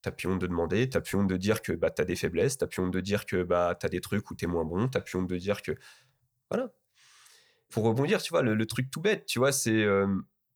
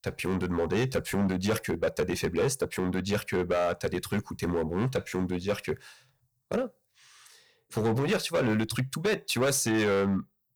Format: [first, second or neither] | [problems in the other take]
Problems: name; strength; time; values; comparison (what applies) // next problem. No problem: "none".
first | distortion; slight; 9% of the sound clipped